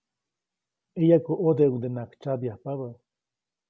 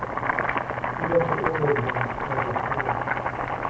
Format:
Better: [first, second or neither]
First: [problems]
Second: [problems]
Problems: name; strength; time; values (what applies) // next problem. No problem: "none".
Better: first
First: none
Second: background sound (Boiling); 4 dB above the speech // room echo; dies away in 0.6 s